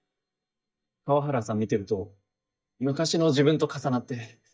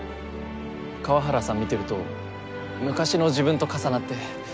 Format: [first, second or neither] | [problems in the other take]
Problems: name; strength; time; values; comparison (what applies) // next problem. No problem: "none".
second | noise reduction (neural mask model DeepFilterNet 3)